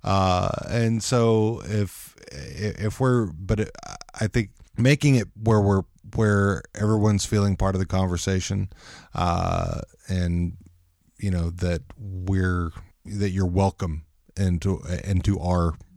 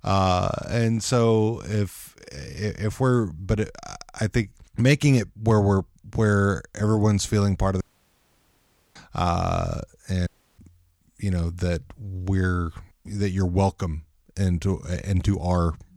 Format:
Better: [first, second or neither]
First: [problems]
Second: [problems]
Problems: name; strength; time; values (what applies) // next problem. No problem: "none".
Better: first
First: none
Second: audio cutting out; at 8 s for 1 s and at 10 s